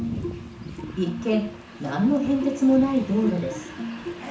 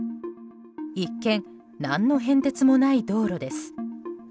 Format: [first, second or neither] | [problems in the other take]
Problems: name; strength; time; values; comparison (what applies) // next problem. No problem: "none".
second | background sound (Train); 14 dB below the speech // room echo; dies away in 0.7 s